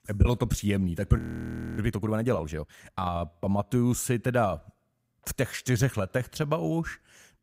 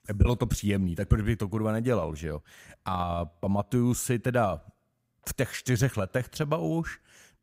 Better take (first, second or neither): second